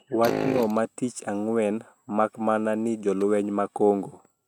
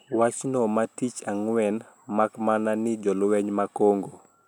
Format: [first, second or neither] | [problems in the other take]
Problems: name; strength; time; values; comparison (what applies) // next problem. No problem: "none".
second | noise reduction (neural mask model RNNoise)